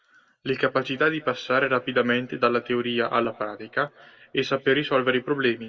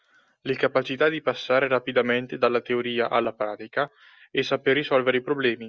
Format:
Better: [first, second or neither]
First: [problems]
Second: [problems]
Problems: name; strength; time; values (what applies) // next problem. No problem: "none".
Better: second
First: room echo; dies away in 0.7 s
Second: none